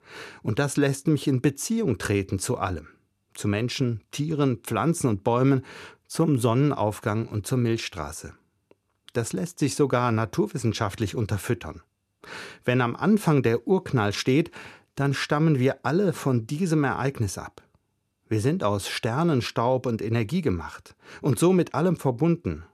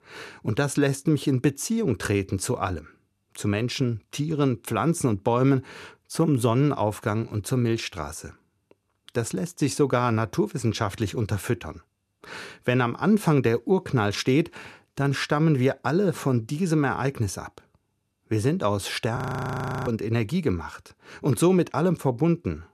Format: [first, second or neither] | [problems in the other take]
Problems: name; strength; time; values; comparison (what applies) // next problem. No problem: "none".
first | audio freezing; at 19 s for 0.5 s